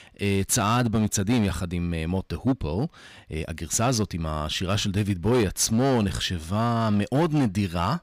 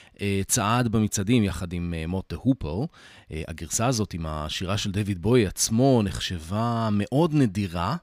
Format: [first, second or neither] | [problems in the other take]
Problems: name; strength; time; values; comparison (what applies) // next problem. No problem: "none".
second | distortion; slight; 7% of the sound clipped